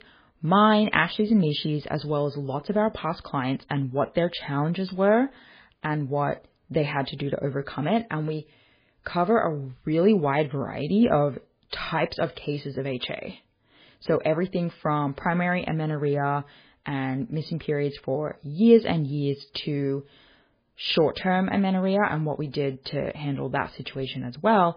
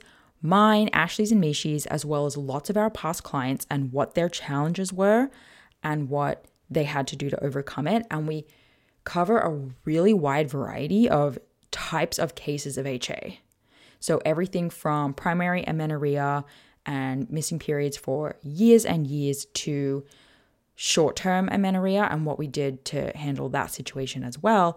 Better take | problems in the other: second | garbled, watery; badly; nothing above 5 kHz

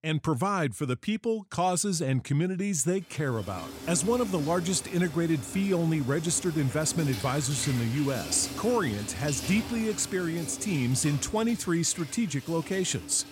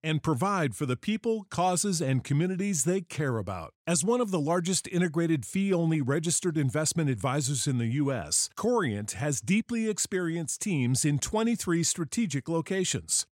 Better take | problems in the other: second | household noises; noticeable; from 3.5 s on; 10 dB below the speech

